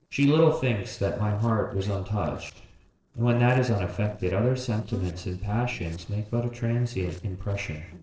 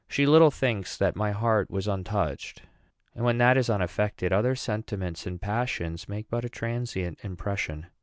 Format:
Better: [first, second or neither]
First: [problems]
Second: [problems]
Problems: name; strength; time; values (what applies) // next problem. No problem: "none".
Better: second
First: noise reduction (neural separator model SepFormer DNS4)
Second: none